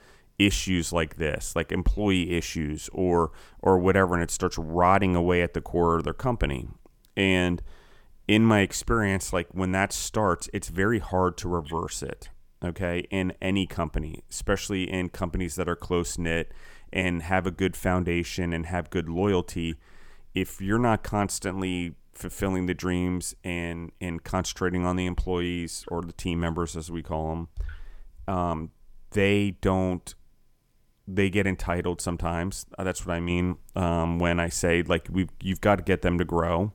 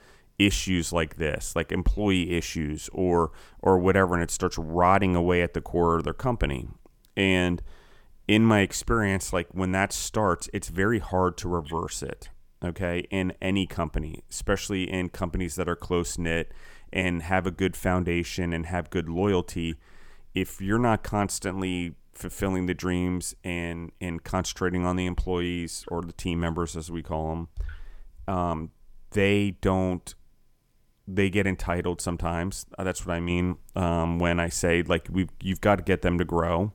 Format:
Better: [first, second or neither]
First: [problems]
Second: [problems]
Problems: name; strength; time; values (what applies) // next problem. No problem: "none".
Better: neither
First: none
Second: none